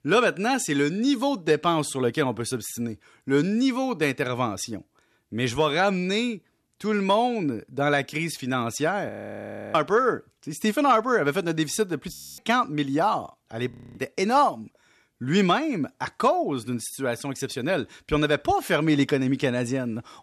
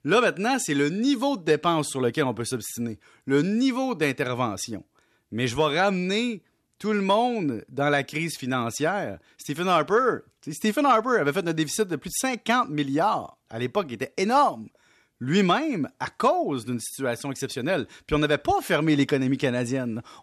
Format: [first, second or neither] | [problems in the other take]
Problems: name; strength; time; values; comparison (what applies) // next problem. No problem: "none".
second | audio freezing; at 9 s for 0.5 s, at 12 s and at 14 s